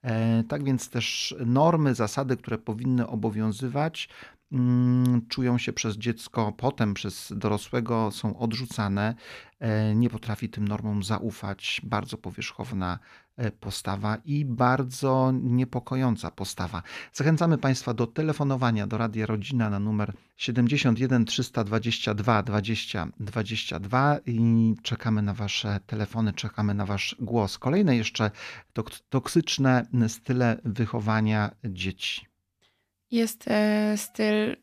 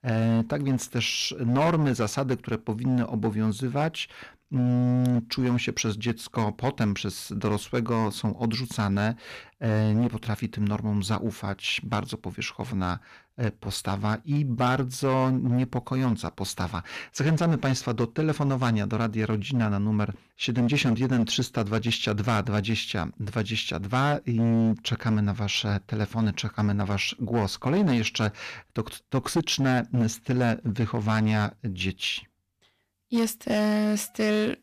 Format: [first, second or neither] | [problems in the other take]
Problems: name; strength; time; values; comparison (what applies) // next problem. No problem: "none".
first | distortion; slight; 8% of the sound clipped